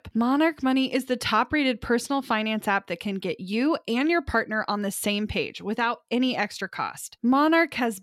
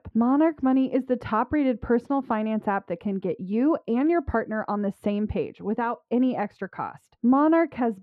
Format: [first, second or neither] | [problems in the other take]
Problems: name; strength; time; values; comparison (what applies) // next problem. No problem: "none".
first | muffled; very; fading above 2.5 kHz